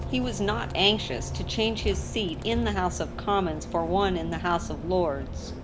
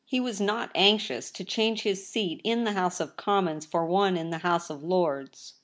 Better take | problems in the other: second | background sound (Bus); 6 dB below the speech

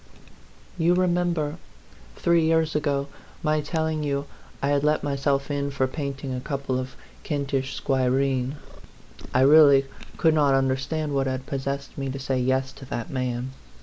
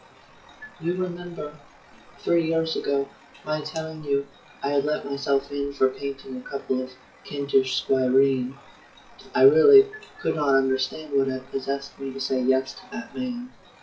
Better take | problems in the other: first | noise reduction (classical method WPE with log-MMSE)

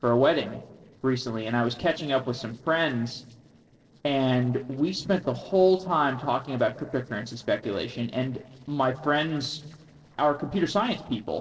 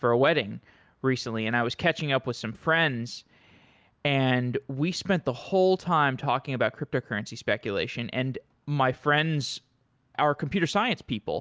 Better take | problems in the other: second | noise reduction (neural separator model SepFormer DNS4)

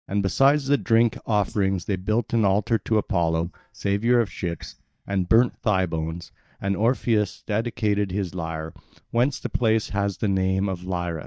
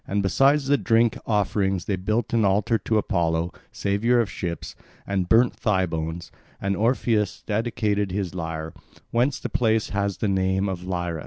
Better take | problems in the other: second | noise reduction (neural mask model DeepFilterNet 3)

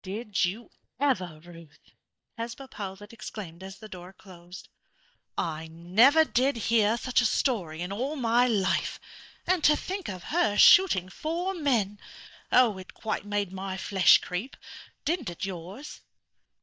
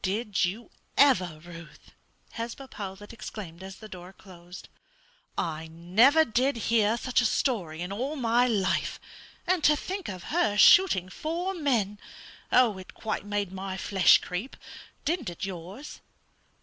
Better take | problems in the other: second | noise reduction (neural mask model DeepFilterNet 3)

